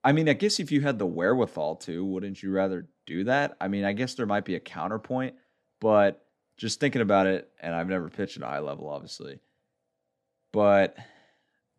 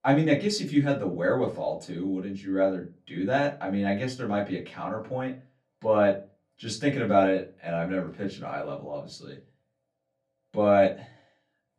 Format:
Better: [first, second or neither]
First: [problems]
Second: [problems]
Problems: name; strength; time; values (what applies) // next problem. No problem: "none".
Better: first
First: none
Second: off-mic speech; far // room echo; very slight; dies away in 0.2 s